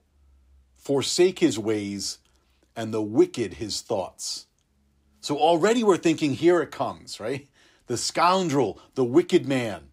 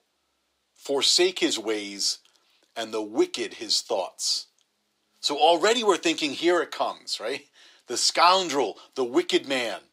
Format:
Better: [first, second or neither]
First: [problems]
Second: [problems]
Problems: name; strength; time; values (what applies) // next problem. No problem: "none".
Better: first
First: none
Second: thin; somewhat; fading below 450 Hz